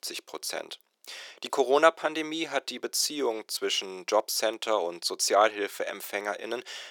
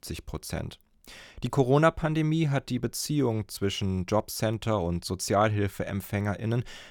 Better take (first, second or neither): second